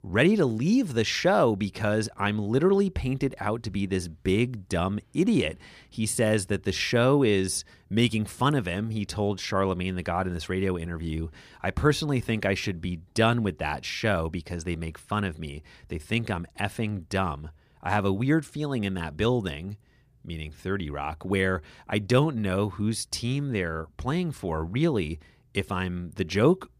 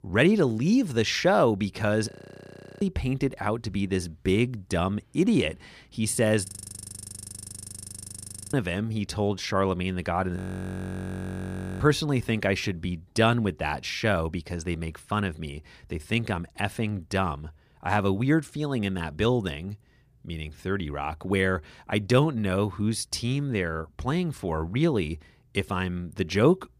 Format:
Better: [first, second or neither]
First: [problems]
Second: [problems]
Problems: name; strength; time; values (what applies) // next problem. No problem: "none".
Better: first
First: none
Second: audio freezing; at 2 s for 0.5 s, at 6.5 s for 2 s and at 10 s for 1.5 s